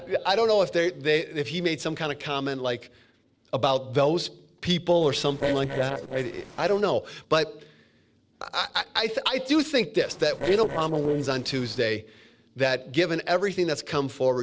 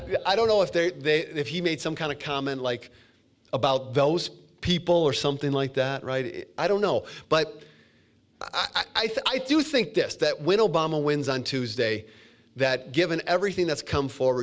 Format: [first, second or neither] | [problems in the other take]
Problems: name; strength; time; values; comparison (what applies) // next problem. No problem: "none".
second | noise reduction (neural separator model SepFormer DNS4)